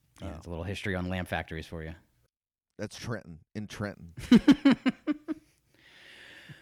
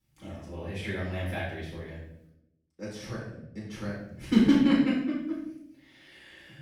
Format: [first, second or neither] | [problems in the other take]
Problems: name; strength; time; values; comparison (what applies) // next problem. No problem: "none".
first | off-mic speech; far // room echo; noticeable; dies away in 0.7 s